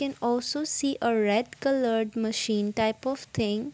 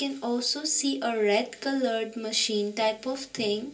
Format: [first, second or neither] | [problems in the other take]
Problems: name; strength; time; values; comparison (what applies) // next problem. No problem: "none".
first | room echo; dies away in 0.3 s